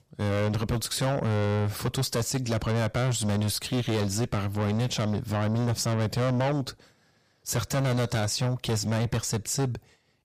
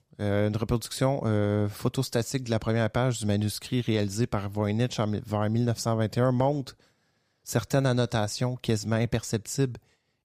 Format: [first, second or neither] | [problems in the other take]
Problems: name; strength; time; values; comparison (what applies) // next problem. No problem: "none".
second | distortion; heavy; 6 dB below the speech